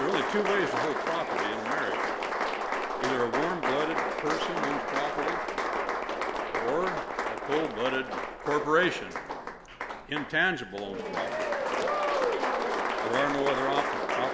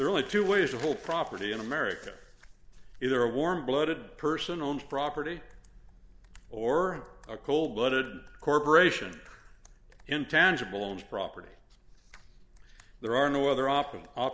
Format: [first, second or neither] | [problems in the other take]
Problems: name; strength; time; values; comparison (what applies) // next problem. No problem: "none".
second | background sound (Applause); 1 dB above the speech